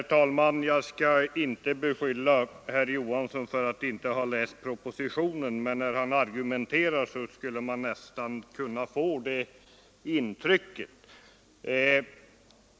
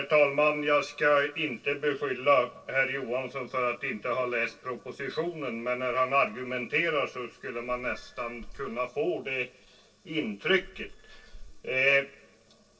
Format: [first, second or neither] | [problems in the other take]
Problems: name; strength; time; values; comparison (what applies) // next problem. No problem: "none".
first | noise reduction (neural separator model SepFormer DNS4)